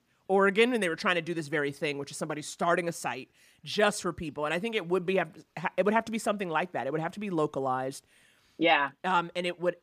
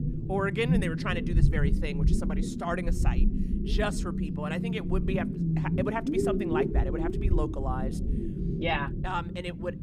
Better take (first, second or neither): first